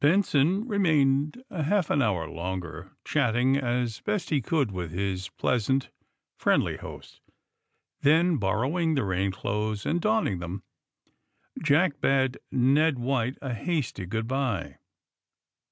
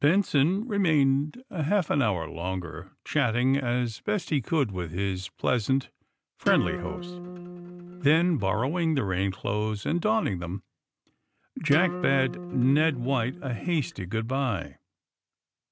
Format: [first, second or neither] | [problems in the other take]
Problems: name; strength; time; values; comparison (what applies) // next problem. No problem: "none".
first | background sound (Acoustic guitar); 10 dB below the speech